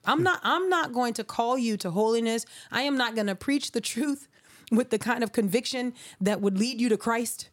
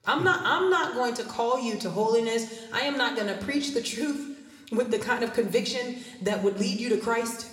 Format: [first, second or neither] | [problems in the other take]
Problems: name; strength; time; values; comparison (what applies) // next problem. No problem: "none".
first | room echo; slight; dies away in 1.2 s